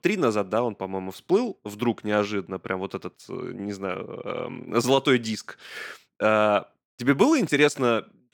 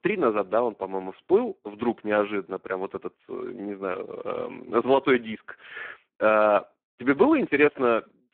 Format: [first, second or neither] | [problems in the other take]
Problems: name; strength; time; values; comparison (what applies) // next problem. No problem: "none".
first | phone-call audio; poor line